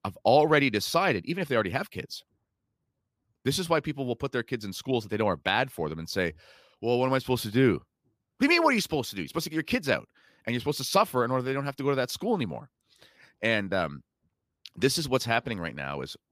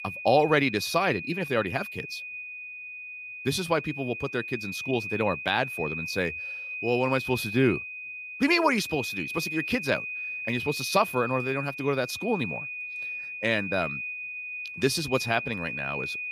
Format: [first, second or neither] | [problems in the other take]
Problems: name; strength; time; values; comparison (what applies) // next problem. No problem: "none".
first | high-pitched whine; loud; throughout; 2.5 kHz, 6 dB below the speech